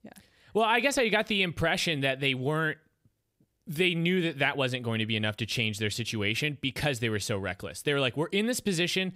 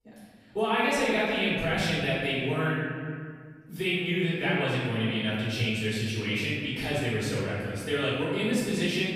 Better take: first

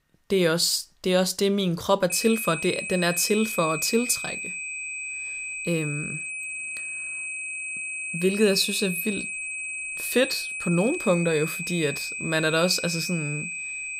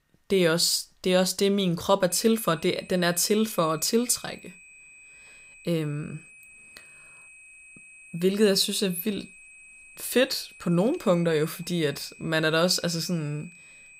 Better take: second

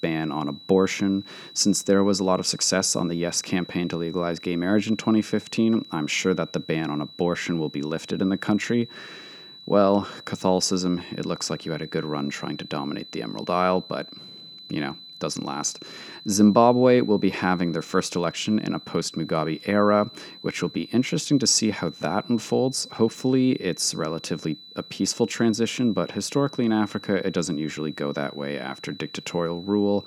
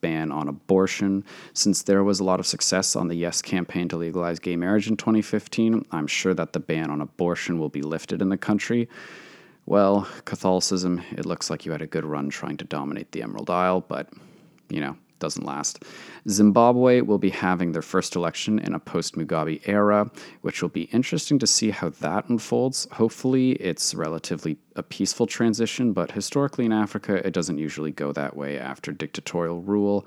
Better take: second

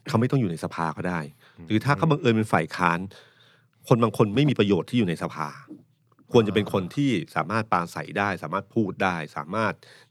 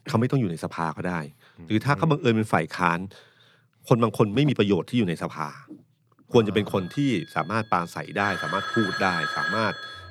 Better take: first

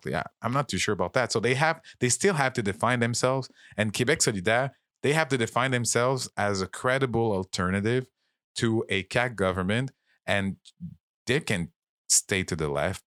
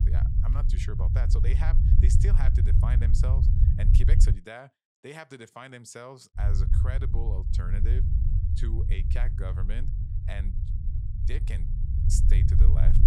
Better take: first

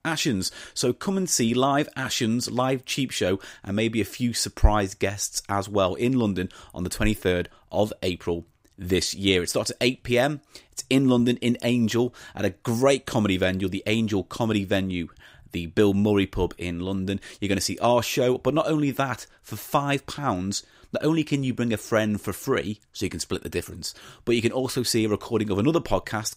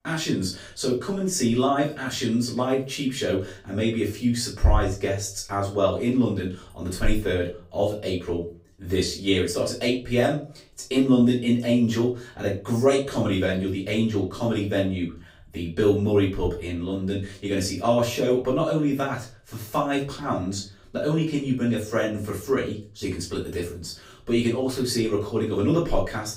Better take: first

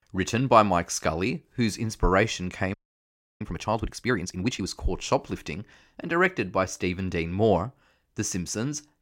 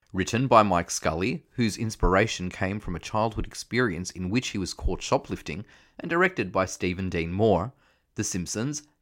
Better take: second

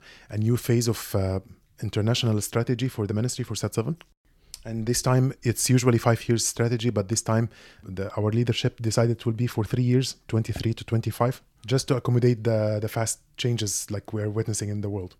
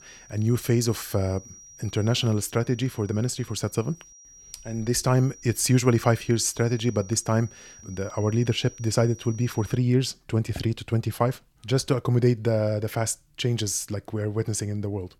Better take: first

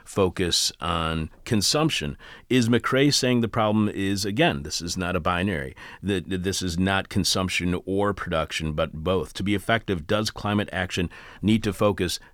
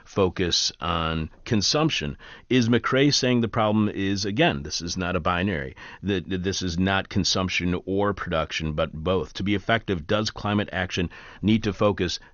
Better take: first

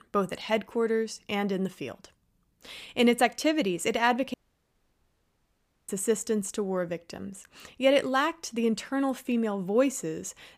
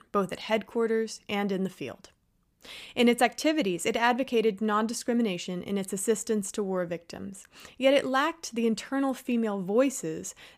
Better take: second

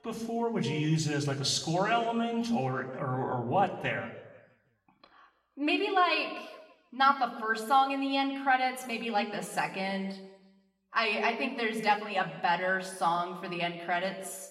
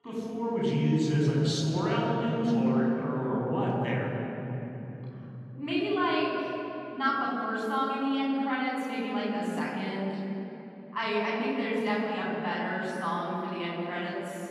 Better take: first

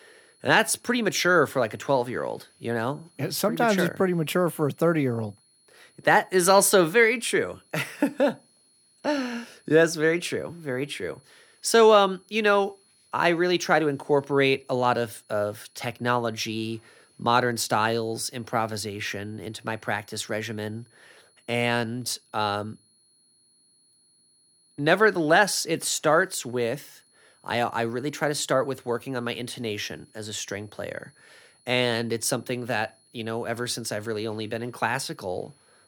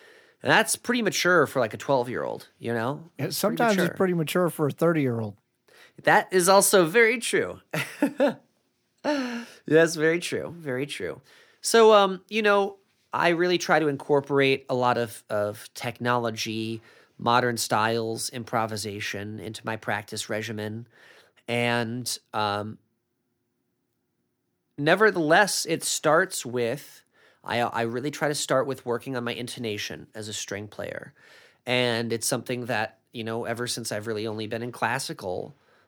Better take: second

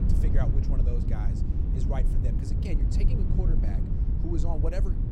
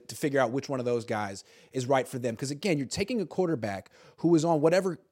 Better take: second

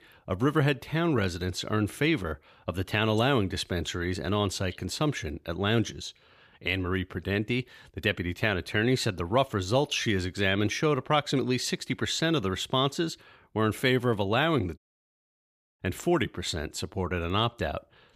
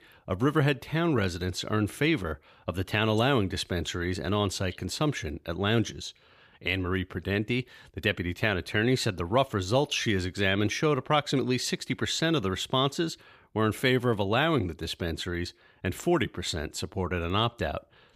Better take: second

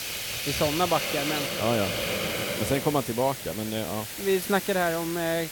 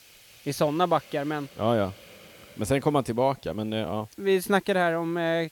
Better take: second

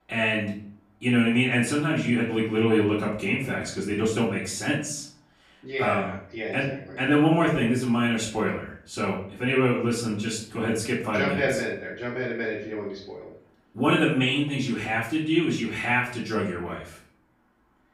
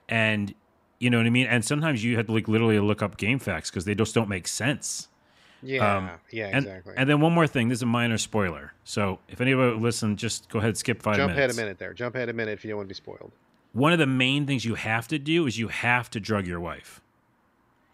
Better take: second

